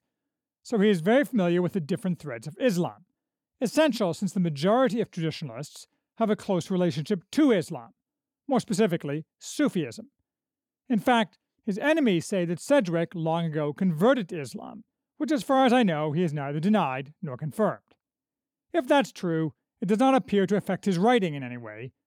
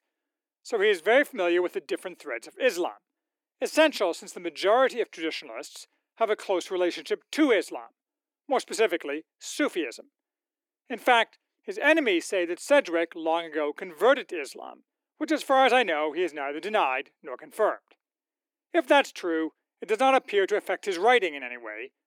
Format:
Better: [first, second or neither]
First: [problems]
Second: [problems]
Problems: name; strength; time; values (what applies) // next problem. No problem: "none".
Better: first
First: none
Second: thin; somewhat; fading below 300 Hz